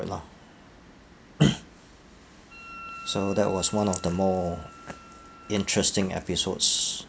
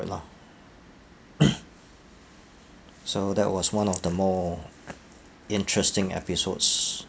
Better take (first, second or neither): second